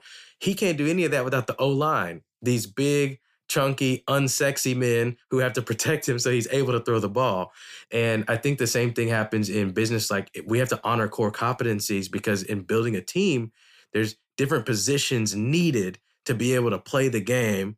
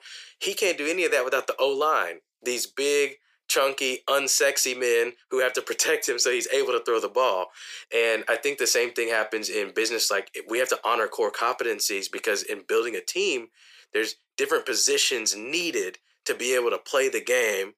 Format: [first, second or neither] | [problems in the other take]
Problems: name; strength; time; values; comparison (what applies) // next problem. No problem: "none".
first | thin; very; fading below 400 Hz